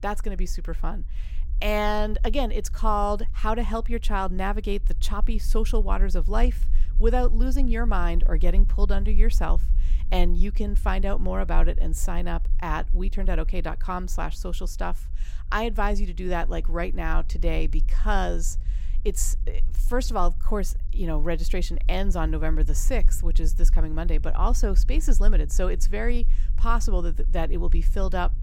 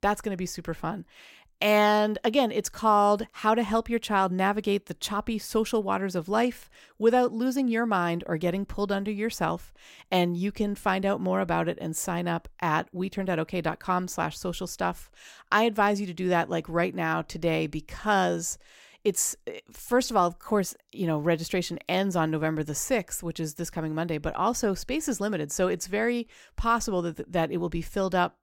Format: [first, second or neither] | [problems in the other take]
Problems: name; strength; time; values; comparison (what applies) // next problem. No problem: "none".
second | low rumble; faint; throughout; 25 dB below the speech